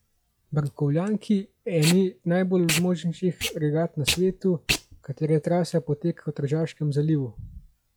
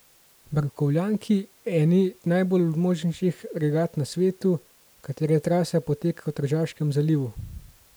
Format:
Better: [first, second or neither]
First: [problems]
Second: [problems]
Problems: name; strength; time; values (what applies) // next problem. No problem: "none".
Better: second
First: noise reduction (classical method log-MMSE)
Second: none